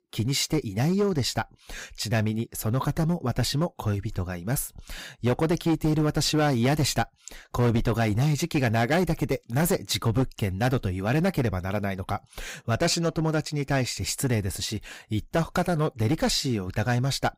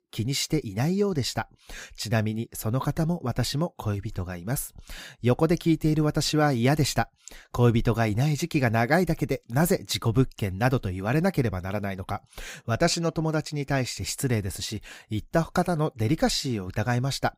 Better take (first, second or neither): second